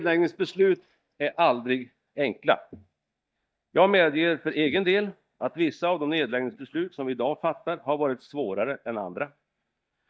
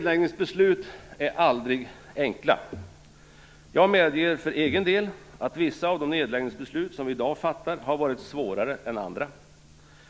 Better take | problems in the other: second | noise reduction (neural mask model DeepFilterNet 3)

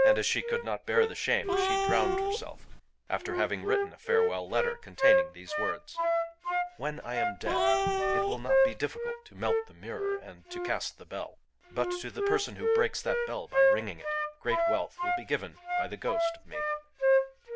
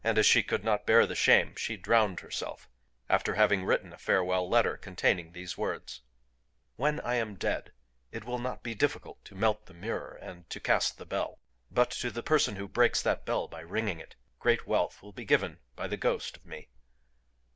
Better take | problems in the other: second | background sound (Wind instrument, woodwind instrument + Cat); 5 dB above the speech

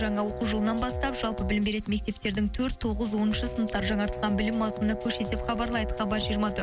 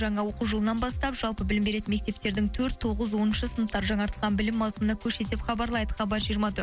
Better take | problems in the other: second | background sound (Brass instrument); 10 dB below the speech

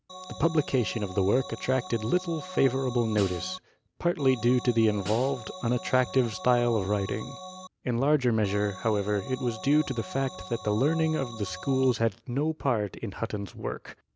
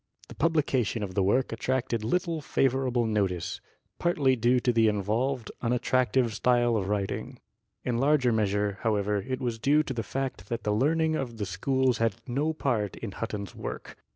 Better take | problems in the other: second | background sound (Snare drum + Organ); 14 dB below the speech

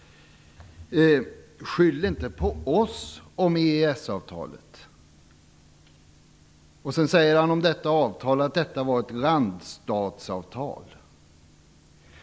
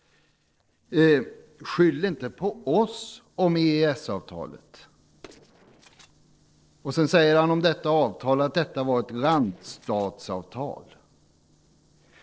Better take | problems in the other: first | noise reduction (neural separator model SepFormer DNS4)

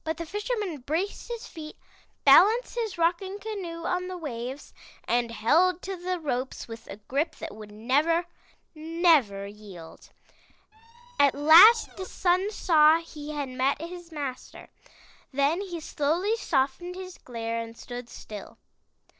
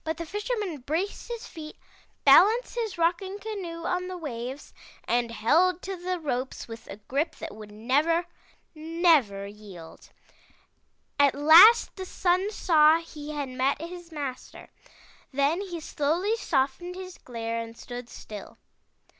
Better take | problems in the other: second | noise reduction (neural separator model SepFormer DNS4)

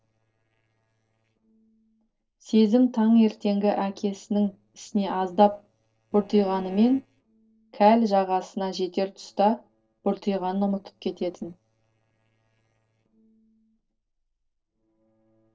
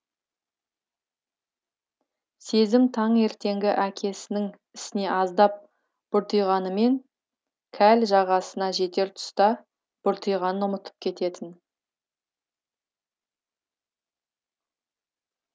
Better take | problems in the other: second | noise reduction (neural separator model SepFormer DNS4)

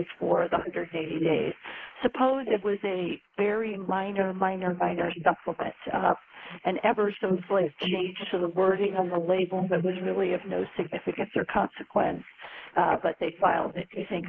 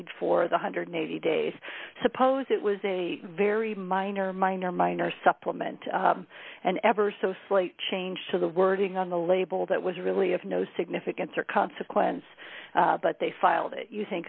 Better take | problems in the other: second | noise reduction (neural mask model Resemble Enhance denoiser)

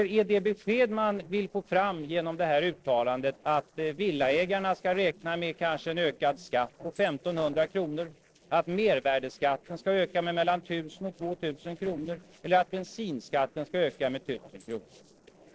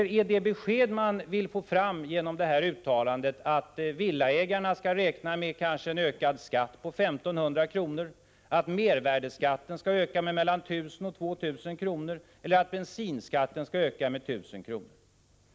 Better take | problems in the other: second | noise reduction (neural separator model SepFormer DNS4)

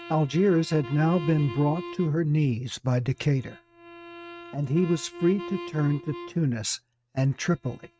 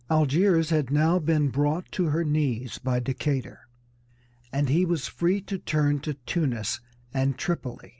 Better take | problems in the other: second | noise reduction (neural mask model RNNoise)

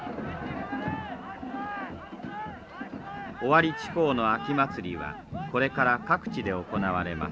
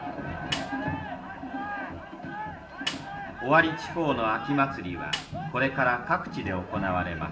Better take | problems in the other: first | background sound (Snare drum); 11 dB below the speech // room echo; dies away in 0.6 s

